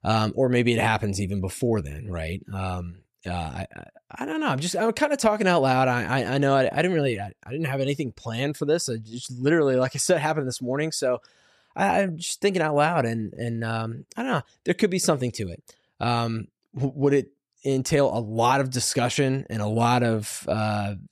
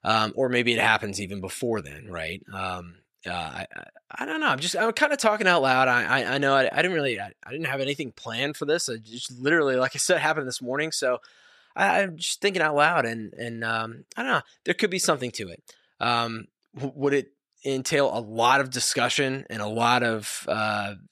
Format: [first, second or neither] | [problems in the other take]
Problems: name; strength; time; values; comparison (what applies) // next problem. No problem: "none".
first | thin; very slightly; fading below 300 Hz